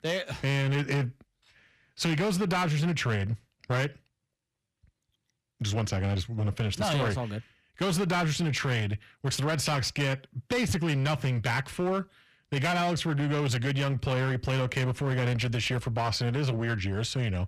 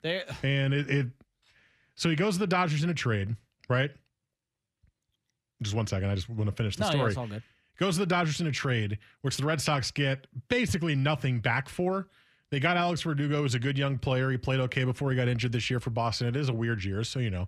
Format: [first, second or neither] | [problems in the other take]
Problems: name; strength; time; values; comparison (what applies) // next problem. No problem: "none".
second | distortion; slight; 14% of the sound clipped